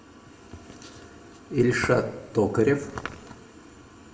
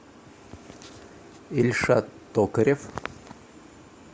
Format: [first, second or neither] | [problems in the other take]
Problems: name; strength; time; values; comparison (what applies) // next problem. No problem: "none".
second | room echo; dies away in 0.7 s